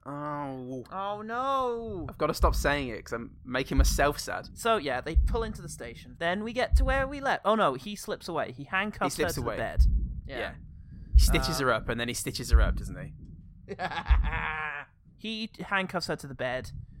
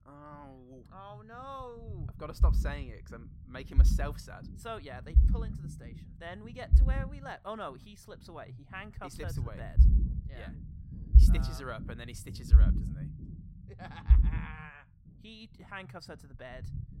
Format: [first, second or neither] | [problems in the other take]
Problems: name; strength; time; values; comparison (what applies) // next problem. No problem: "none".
first | low rumble; loud; throughout; 4 dB below the speech; faint in the first